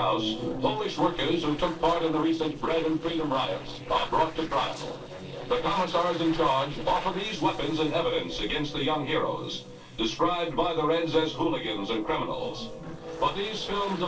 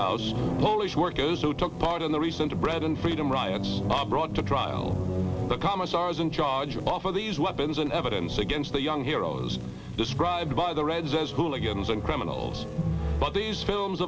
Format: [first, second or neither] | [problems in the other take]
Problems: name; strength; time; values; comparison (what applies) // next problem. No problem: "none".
second | noise reduction (neural separator model SepFormer DNS4)